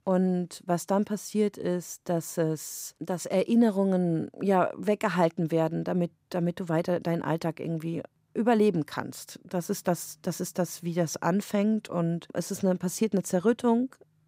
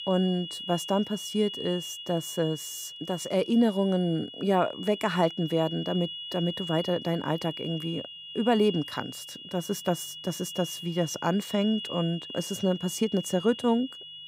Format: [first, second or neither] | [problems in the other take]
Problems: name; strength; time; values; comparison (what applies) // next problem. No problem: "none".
first | high-pitched whine; loud; throughout; 3 kHz, 9 dB below the speech